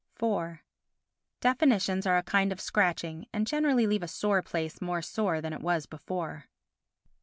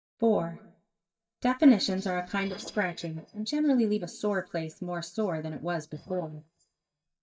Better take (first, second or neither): first